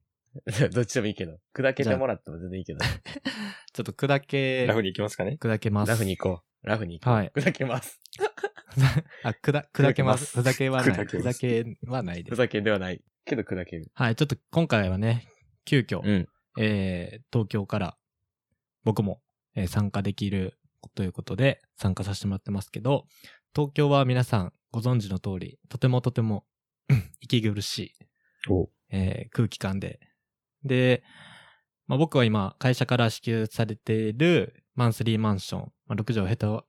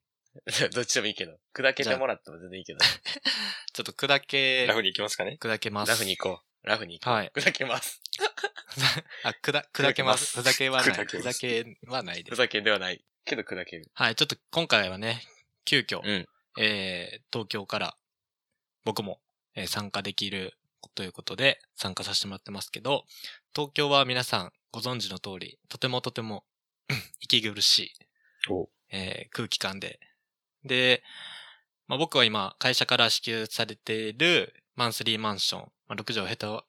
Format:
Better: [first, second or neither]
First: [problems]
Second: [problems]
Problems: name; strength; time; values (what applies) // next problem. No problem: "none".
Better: first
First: none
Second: thin; somewhat; fading below 1 kHz